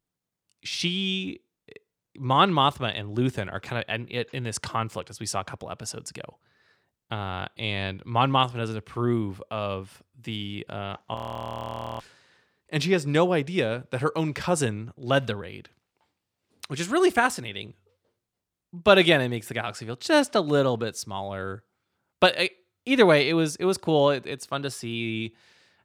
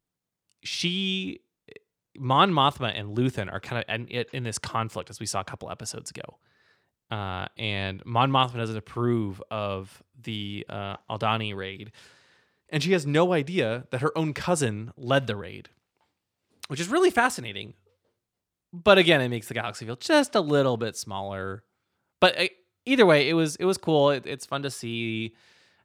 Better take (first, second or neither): second